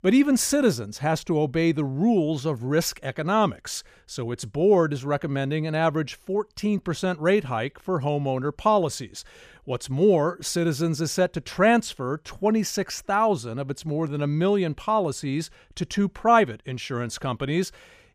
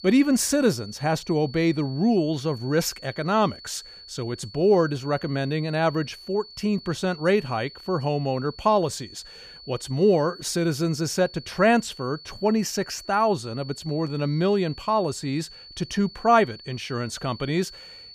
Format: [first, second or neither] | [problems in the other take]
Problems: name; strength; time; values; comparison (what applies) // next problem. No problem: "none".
first | high-pitched whine; noticeable; throughout; 4.5 kHz, 15 dB below the speech